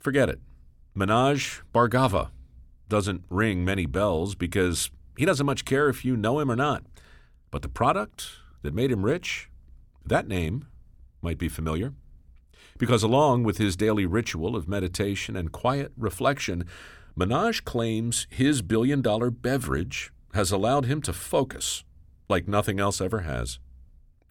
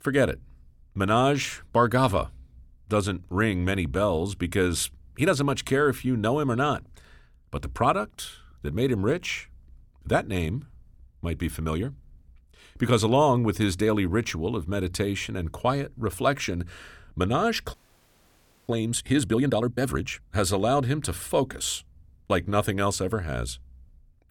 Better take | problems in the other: first | audio freezing; at 18 s for 1 s

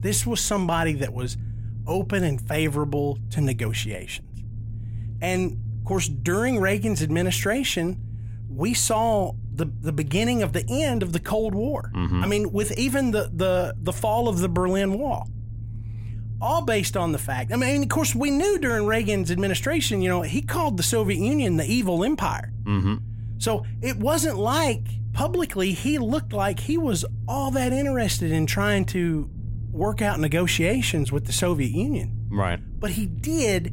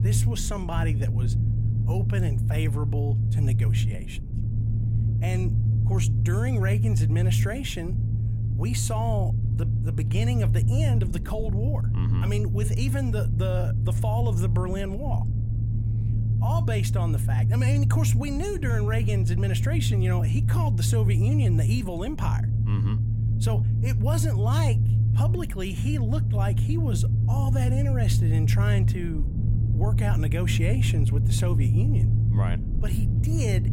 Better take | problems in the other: first | low rumble; loud; throughout; 3 dB below the speech; faint in the first

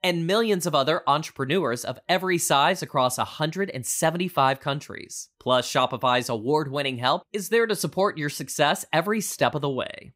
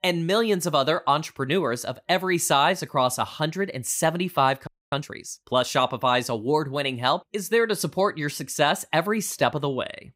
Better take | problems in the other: first | audio freezing; at 4.5 s

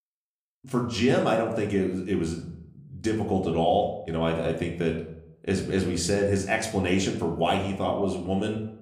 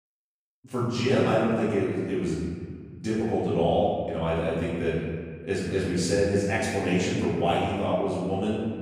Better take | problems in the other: first | room echo; strong; dies away in 1.7 s; slight in the first // off-mic speech; far; somewhat distant in the first

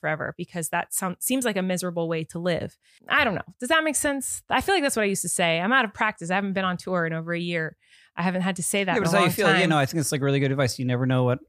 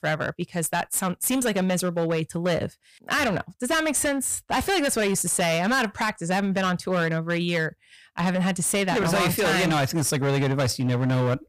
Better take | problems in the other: first | distortion; heavy; 19% of the sound clipped

